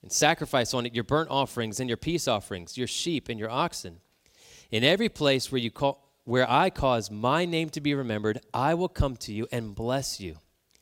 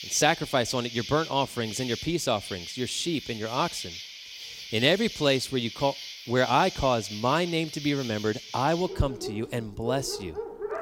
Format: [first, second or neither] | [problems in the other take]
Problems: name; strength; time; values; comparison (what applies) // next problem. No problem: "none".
first | animal sounds; noticeable; throughout; 10 dB below the speech